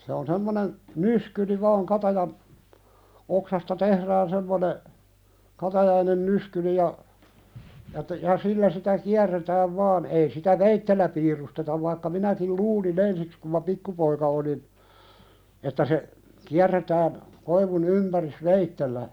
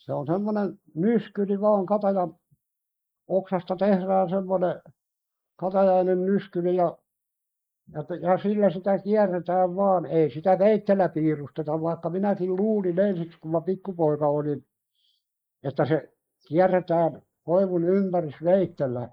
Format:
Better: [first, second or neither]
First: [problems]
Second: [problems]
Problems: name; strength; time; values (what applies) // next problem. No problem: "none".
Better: first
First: none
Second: noise reduction (neural mask model Resemble Enhance denoiser)